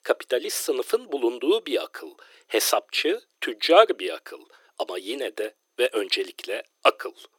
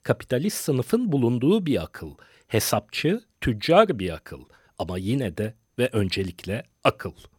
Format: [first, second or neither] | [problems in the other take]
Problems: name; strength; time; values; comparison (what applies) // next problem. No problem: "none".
second | thin; very; fading below 350 Hz